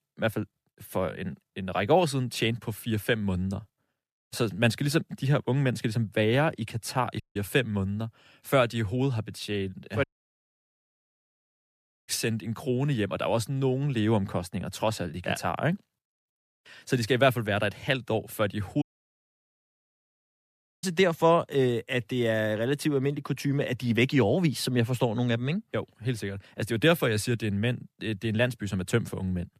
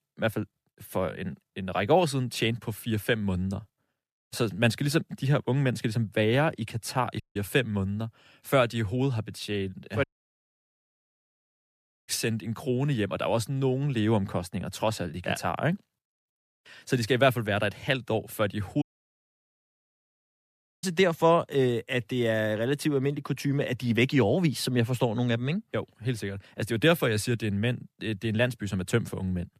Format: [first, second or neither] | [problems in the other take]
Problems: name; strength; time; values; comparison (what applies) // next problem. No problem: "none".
neither | audio cutting out; at 7 s, at 10 s for 2 s and at 19 s for 2 s; the same in both